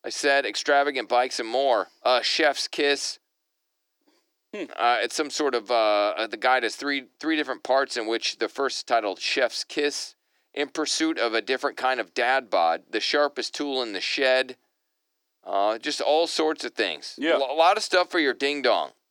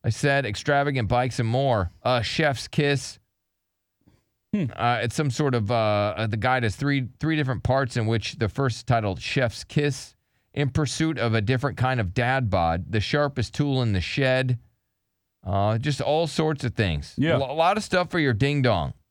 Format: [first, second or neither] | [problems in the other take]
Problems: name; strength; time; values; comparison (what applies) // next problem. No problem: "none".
second | thin; very; fading below 300 Hz